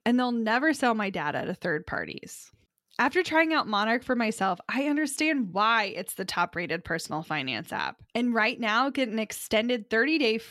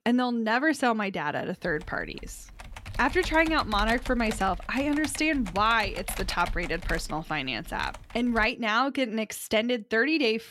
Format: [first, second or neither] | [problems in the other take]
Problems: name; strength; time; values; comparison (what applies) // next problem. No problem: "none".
first | keyboard typing; noticeable; from 1.5 to 8.5 s; peak 9 dB below the speech